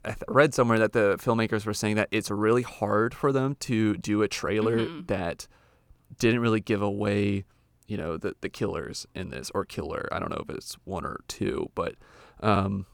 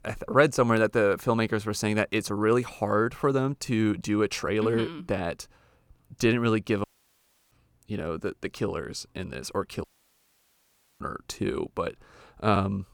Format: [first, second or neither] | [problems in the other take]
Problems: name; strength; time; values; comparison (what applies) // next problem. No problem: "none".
first | audio cutting out; at 7 s for 0.5 s and at 10 s for 1 s